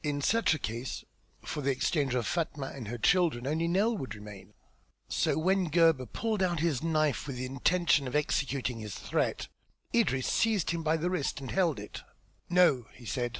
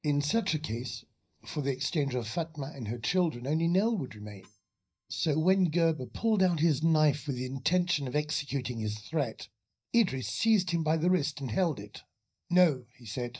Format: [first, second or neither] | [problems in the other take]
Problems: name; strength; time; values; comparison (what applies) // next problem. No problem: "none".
first | noise reduction (neural mask model DeepFilterNet 3)